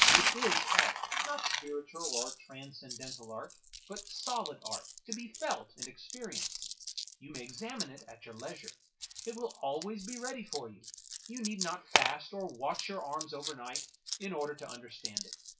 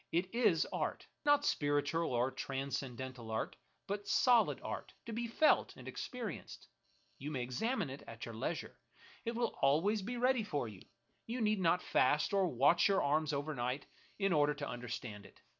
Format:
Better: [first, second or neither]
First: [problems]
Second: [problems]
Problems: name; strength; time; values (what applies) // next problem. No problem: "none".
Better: second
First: noise reduction (classical method WPE with log-MMSE)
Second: none